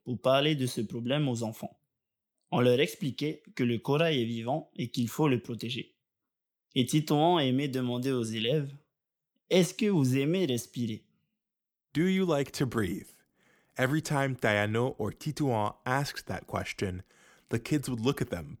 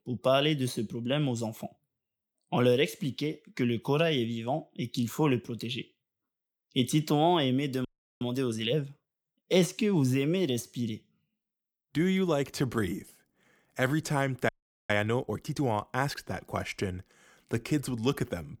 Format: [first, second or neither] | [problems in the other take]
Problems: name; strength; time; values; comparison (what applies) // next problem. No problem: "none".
first | audio freezing; at 8 s and at 14 s